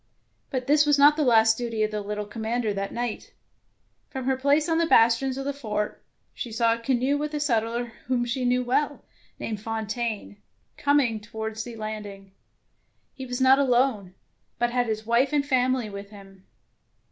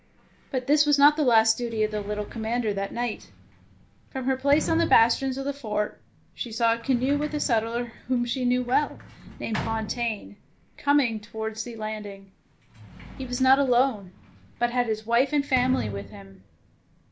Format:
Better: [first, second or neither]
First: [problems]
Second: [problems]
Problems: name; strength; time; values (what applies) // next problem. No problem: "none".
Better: first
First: none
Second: background sound (Sliding door); 15 dB below the speech